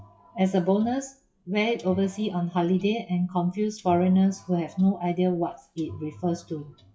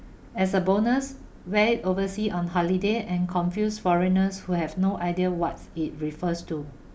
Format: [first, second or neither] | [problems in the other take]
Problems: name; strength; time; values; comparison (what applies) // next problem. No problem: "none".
second | noise reduction (classical method WPE with log-MMSE)